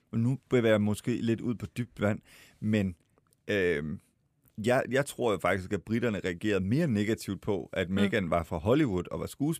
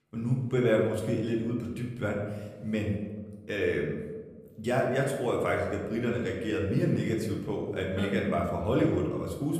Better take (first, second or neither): first